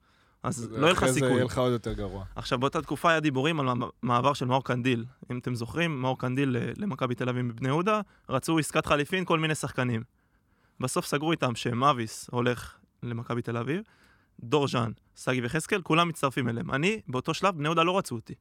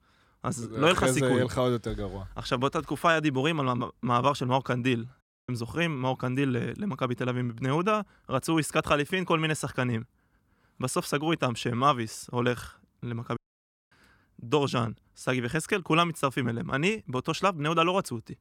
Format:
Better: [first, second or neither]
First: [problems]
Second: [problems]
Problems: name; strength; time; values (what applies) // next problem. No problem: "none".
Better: first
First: none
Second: audio cutting out; at 5 s and at 13 s for 0.5 s